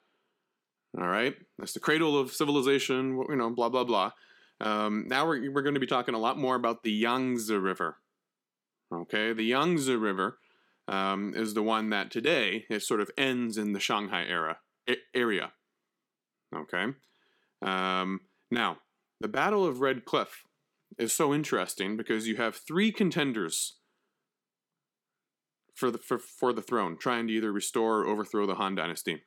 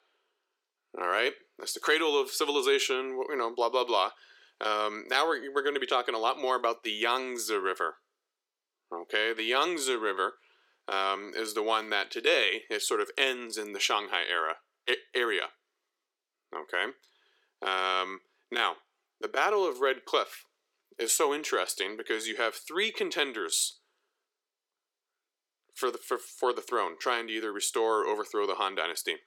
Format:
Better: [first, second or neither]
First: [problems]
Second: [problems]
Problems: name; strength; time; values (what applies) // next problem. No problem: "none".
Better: first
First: none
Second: thin; very; fading below 400 Hz